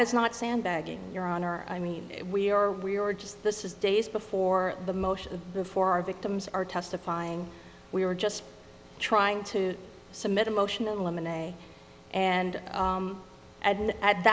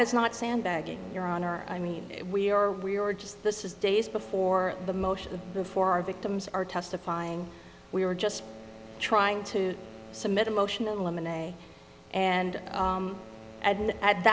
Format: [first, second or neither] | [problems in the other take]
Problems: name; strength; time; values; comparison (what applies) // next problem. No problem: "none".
first | background sound (Wind instrument, woodwind instrument); 20 dB below the speech